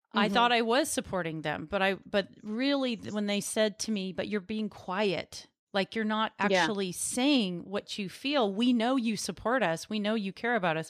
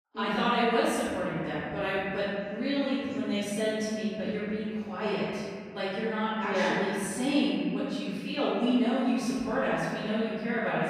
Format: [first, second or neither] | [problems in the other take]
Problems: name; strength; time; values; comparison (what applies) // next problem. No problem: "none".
first | room echo; strong; dies away in 2.4 s // off-mic speech; far